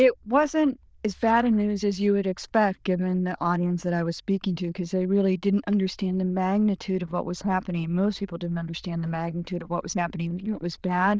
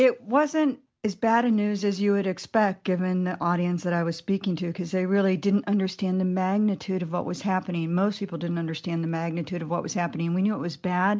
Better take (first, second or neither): second